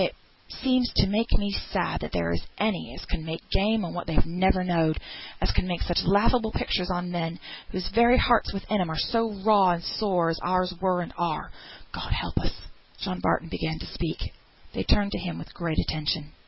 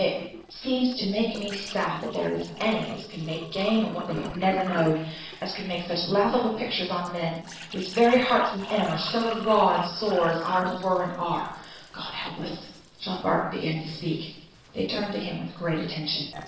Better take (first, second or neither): first